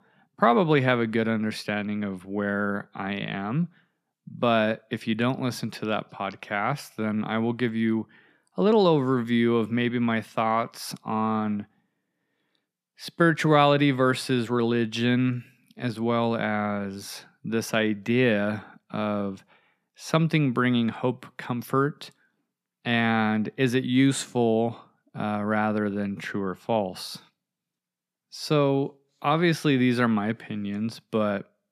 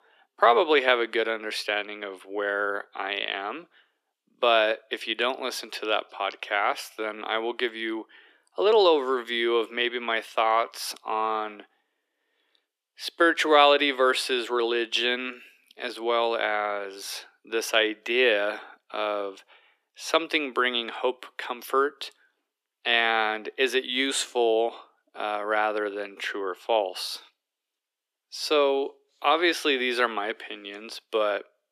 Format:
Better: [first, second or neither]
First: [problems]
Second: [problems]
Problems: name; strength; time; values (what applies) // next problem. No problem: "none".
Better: first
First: none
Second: thin; very; fading below 350 Hz